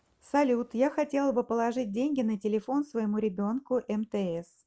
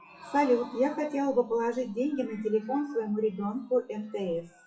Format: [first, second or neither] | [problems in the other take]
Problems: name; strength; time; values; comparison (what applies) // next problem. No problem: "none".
first | noise reduction (classical method WPE with log-MMSE)